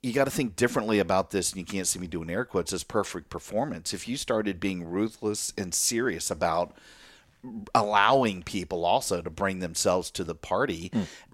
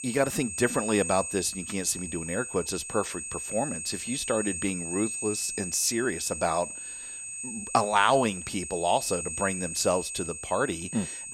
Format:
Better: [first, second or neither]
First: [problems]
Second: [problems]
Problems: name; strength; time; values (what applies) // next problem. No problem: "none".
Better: first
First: none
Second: high-pitched whine; loud; throughout; 8.5 kHz, 5 dB below the speech